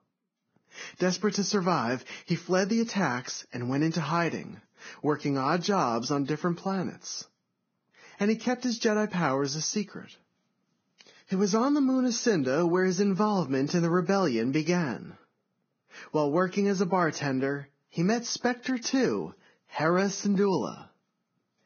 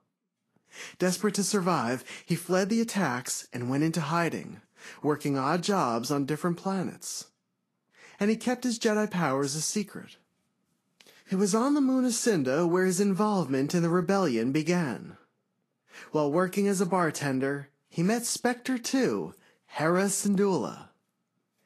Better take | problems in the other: second | garbled, watery; badly; nothing above 6.5 kHz; slightly in the second

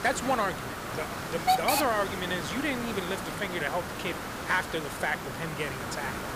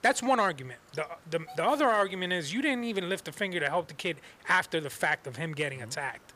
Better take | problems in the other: second | hiss; loud; throughout; 1 dB below the speech; faint in the second

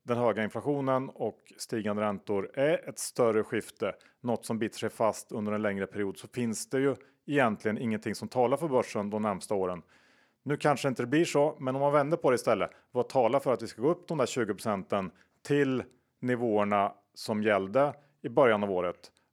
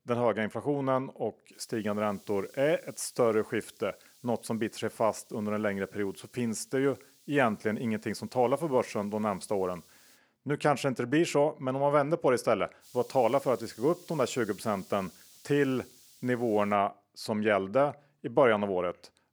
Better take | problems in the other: first | hiss; faint; from 1.5 to 10 s and from 13 to 17 s; 25 dB below the speech

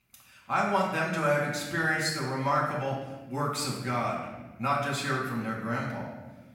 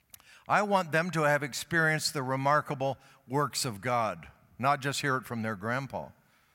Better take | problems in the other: second | room echo; noticeable; dies away in 1 s // off-mic speech; far

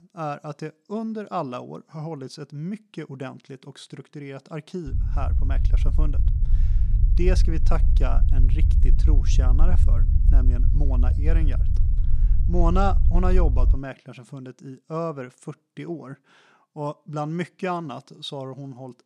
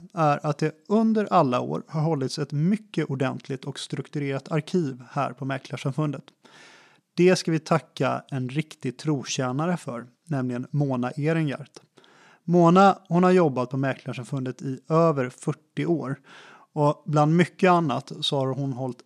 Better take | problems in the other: second | low rumble; loud; from 5 to 14 s; 10 dB below the speech

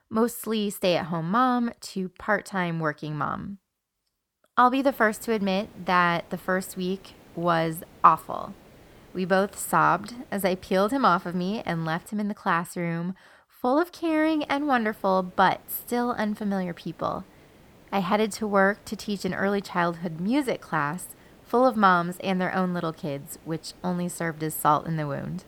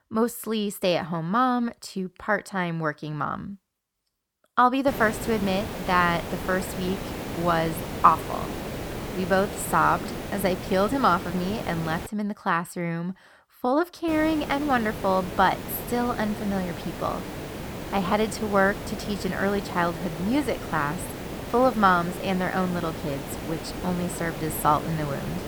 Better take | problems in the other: first | hiss; loud; from 5 to 12 s and from 14 s on; 9 dB below the speech; faint in the first

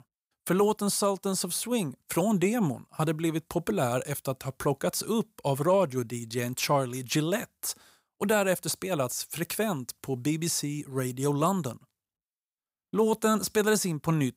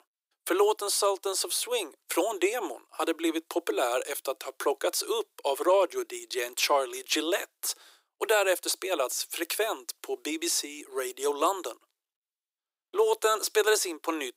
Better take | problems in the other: first | thin; very; fading below 300 Hz

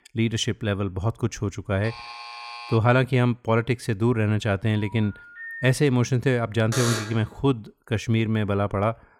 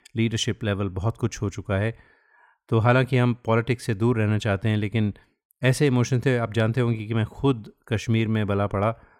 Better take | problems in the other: second | alarm; faint; at 2 s; peak 10 dB below the speech // phone ringing; faint; from 4.5 to 6 s; peak 10 dB below the speech // alarm; noticeable; at 6.5 s; peak 3 dB below the speech

